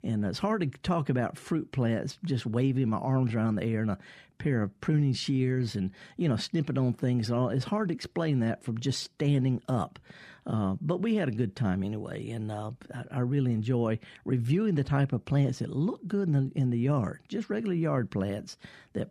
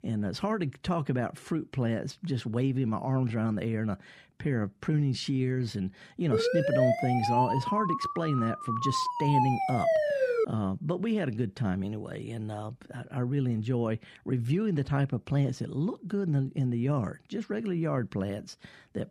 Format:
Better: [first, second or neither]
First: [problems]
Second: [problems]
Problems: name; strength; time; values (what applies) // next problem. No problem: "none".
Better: first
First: none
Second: siren; loud; from 6.5 to 10 s; peak 5 dB above the speech